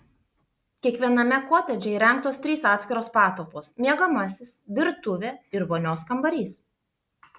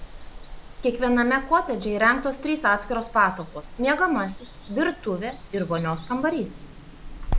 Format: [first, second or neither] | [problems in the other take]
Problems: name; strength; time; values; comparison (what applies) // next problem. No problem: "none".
first | background sound (Water); 9 dB below the speech